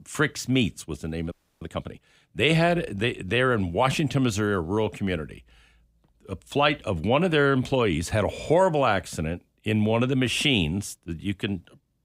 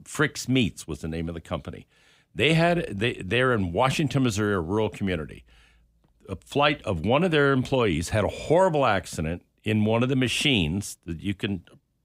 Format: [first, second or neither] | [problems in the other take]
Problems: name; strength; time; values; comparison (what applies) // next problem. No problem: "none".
second | audio freezing; at 1.5 s